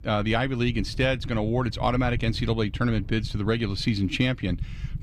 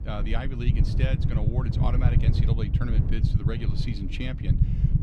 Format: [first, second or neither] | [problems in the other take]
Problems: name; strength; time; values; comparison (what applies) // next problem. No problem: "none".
first | low rumble; loud; throughout; 1 dB below the speech; faint in the first